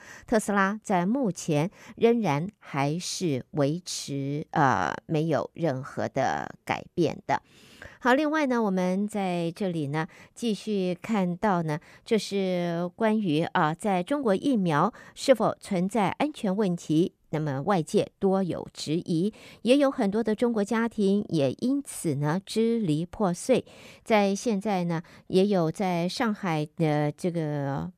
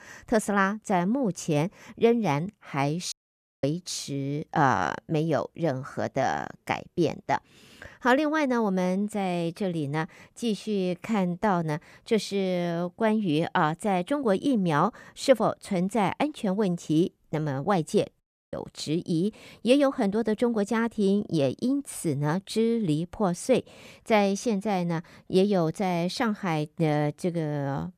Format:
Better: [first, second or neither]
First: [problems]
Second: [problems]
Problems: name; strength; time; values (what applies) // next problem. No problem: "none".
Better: first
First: none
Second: audio cutting out; at 3 s for 0.5 s and at 18 s